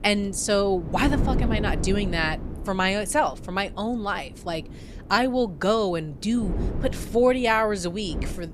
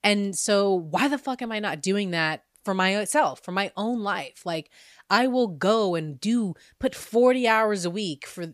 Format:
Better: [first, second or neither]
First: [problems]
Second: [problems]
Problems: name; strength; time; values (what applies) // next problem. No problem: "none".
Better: second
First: wind noise on the microphone; occasional gusts; 15 dB below the speech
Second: none